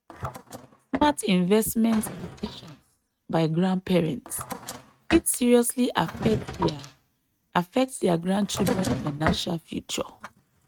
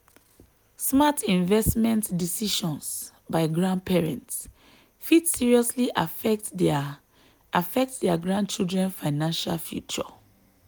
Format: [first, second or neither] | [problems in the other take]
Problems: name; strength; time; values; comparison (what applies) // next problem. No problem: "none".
second | noise reduction (neural mask model RNNoise)